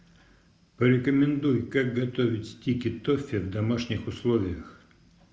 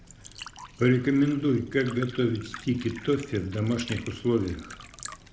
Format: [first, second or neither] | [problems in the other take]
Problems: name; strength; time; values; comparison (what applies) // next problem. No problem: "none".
first | background sound (Liquid); 17 dB below the speech